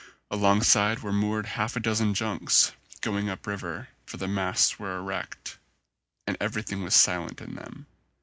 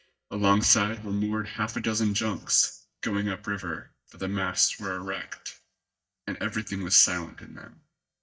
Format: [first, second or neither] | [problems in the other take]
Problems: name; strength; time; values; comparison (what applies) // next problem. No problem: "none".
first | noise reduction (neural mask model DeepFilterNet 3)